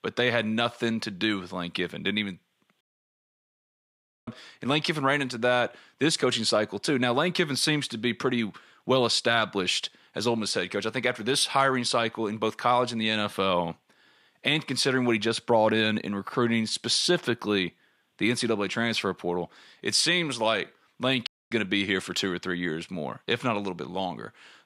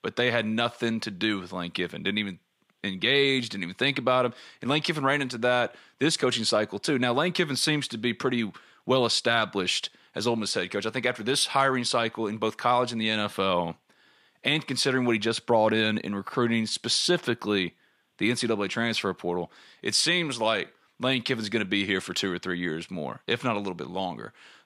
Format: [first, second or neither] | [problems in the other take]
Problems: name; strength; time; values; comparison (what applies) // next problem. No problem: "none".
second | audio cutting out; at 3 s for 1.5 s and at 21 s